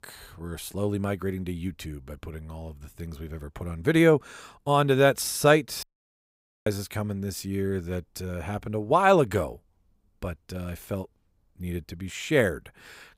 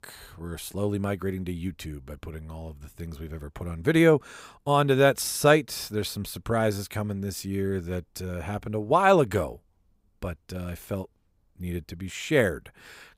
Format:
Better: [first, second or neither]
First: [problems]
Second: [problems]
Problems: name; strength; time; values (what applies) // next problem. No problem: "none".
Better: second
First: audio cutting out; at 6 s for 1 s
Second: none